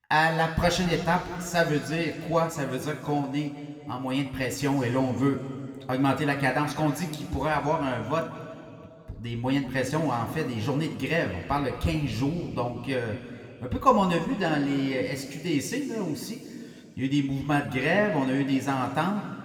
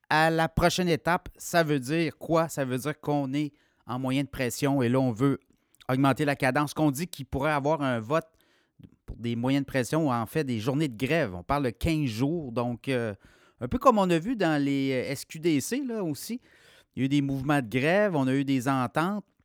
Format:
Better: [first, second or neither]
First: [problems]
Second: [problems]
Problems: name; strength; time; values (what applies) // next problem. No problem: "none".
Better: second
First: room echo; slight; dies away in 2.2 s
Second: none